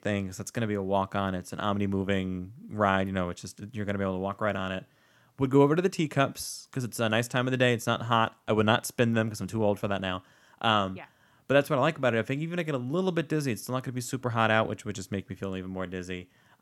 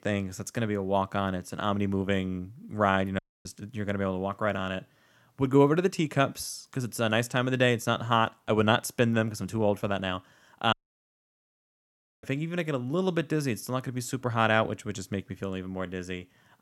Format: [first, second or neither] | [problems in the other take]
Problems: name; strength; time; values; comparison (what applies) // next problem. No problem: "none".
first | audio cutting out; at 3 s and at 11 s for 1.5 s